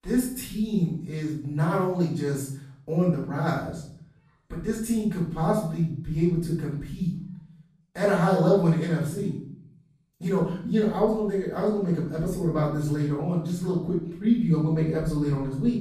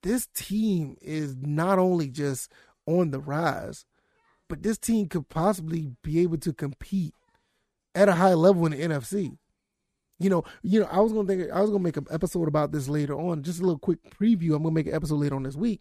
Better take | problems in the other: second | off-mic speech; far // room echo; noticeable; dies away in 0.6 s

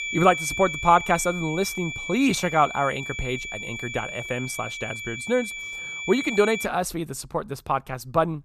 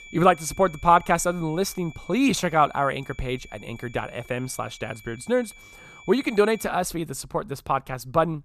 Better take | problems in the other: second | high-pitched whine; loud; until 6.5 s; 2.5 kHz, 6 dB below the speech; faint in the second

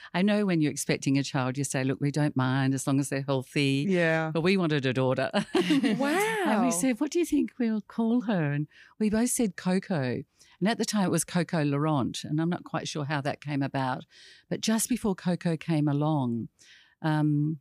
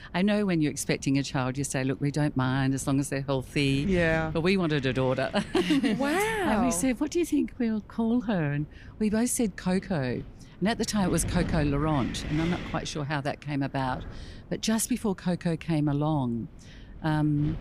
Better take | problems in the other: first | wind noise on the microphone; occasional gusts; 15 dB below the speech

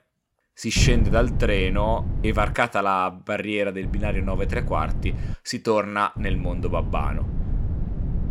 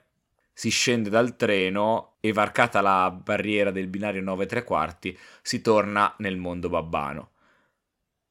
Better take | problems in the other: second | wind noise on the microphone; occasional gusts; from 1 to 2.5 s, from 4 to 5.5 s and from 6 s on; 15 dB below the speech

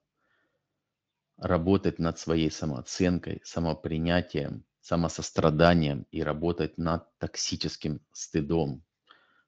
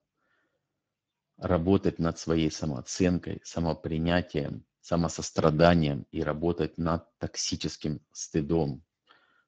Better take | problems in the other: first | garbled, watery; badly; slightly in the first

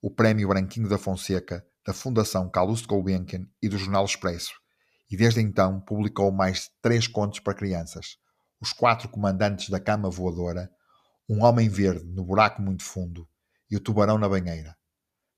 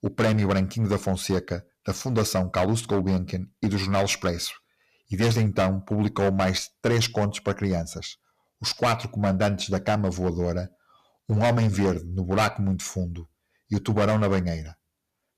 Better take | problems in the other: first | distortion; heavy; 11% of the sound clipped

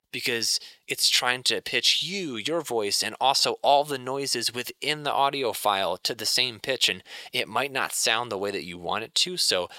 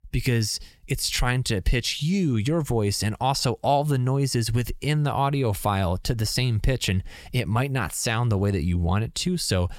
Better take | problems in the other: second | thin; very; fading below 500 Hz

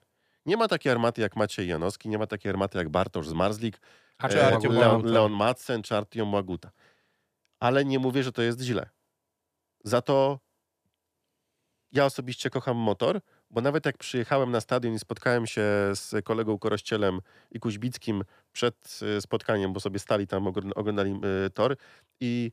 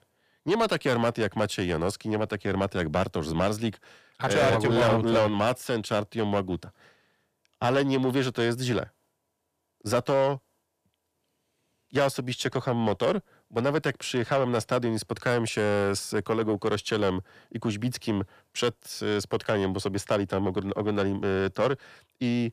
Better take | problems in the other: first | distortion; slight; 10 dB below the speech

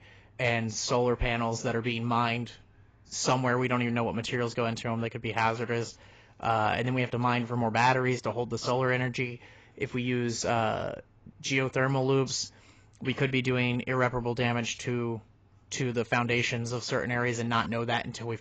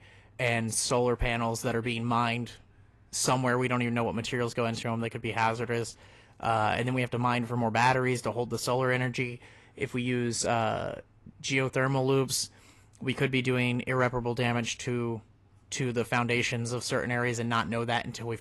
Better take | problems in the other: second | garbled, watery; badly; nothing above 7.5 kHz; slightly in the second

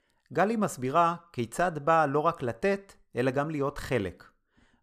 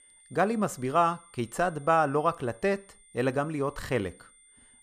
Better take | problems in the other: first | high-pitched whine; faint; throughout; 9 kHz, 25 dB below the speech

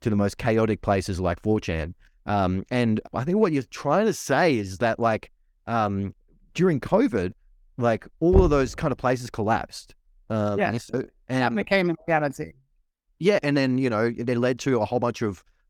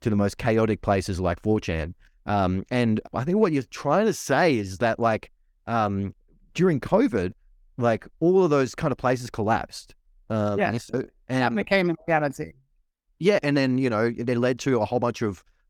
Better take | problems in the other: second | door banging; noticeable; at 8.5 s; peak 1 dB below the speech

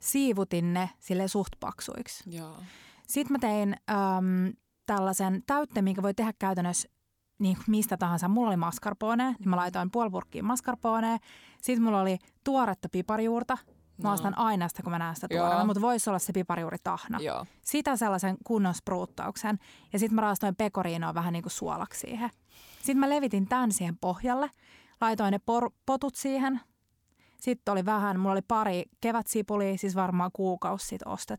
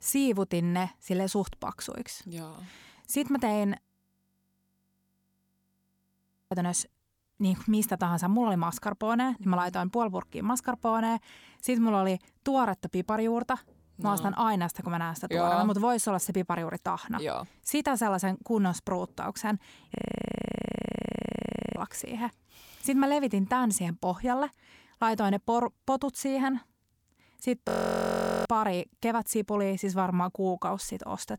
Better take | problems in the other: first | audio freezing; at 4 s for 2.5 s, at 20 s for 2 s and at 28 s for 1 s

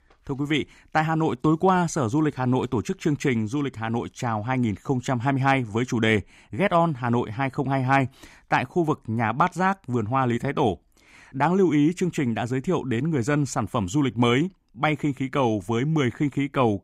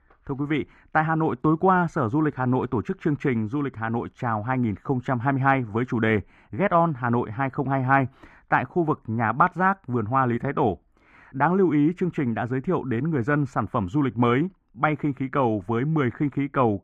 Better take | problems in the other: first | muffled; very; fading above 3 kHz

